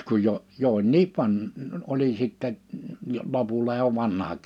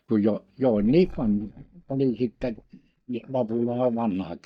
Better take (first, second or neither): first